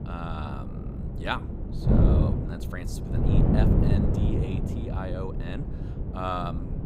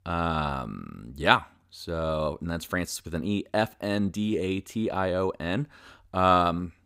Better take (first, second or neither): second